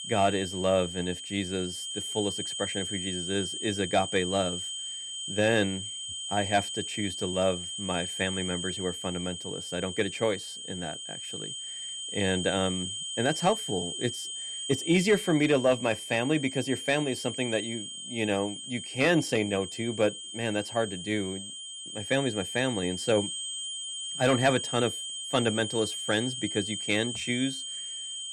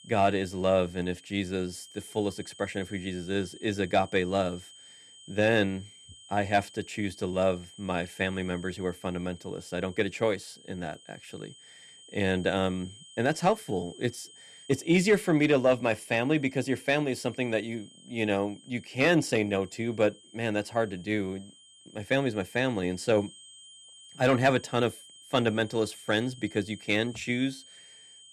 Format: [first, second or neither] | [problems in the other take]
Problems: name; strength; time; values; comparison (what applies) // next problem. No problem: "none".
second | high-pitched whine; loud; throughout; 3 kHz, 5 dB below the speech; faint in the second